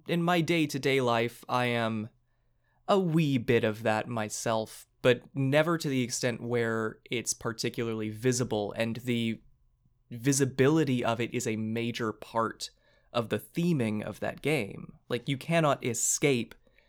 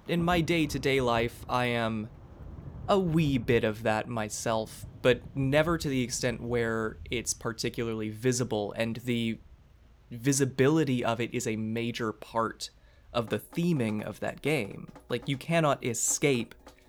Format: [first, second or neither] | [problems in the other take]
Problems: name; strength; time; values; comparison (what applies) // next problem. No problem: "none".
first | rain or running water; noticeable; throughout; 20 dB below the speech